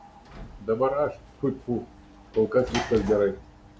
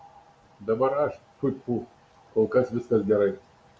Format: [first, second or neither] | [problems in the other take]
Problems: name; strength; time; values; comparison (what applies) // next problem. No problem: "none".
second | background sound (Sliding door / Slam); 13 dB below the speech